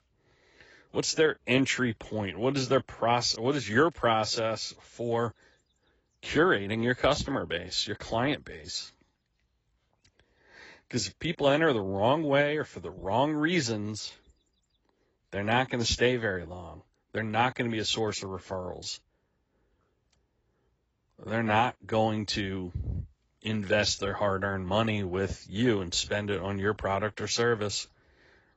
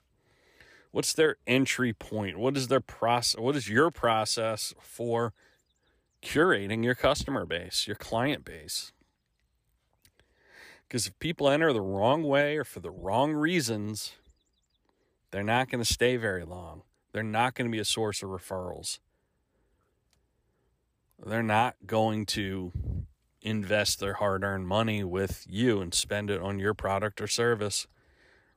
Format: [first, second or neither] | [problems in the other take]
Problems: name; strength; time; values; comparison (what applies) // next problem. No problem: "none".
second | garbled, watery; badly; nothing above 7.5 kHz